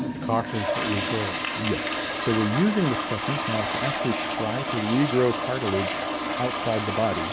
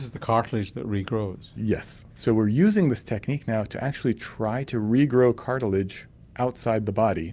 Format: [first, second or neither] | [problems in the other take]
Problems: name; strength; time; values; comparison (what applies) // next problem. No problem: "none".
second | background sound (Toilet flush); 1 dB below the speech